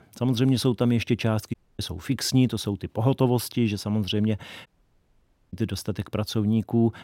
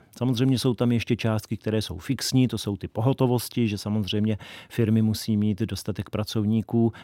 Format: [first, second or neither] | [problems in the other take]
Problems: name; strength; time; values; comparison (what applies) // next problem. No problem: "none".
second | audio cutting out; at 1.5 s and at 4.5 s for 1 s